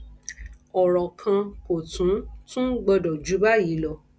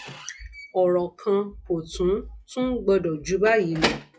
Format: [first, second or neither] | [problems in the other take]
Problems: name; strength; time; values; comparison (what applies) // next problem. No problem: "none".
first | noise reduction (classical method log-MMSE)